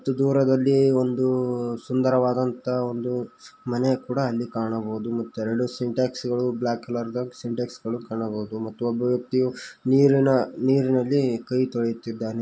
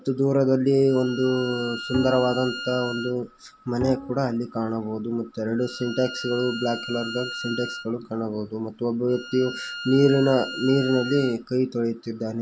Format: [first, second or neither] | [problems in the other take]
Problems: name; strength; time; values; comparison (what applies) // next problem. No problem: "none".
first | background sound (Bowed string instrument + Bowed string instrument); 12 dB below the speech